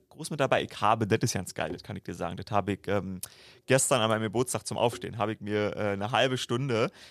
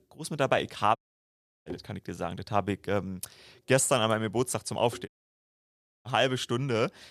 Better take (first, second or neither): first